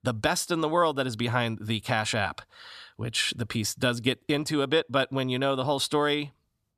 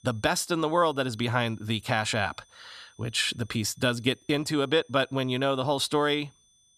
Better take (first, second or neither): first